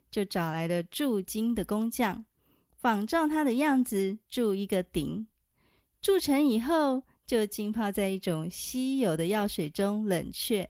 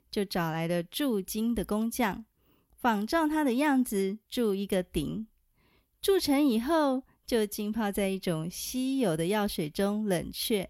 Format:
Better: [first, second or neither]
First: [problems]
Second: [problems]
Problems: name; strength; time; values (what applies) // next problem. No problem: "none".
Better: second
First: garbled, watery; slightly; nothing above 16 kHz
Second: none